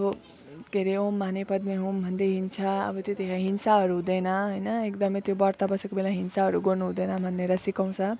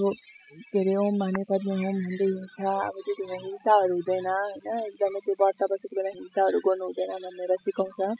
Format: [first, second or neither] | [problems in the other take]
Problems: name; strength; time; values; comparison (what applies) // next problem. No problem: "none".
first | noise reduction (classical method spectral subtraction)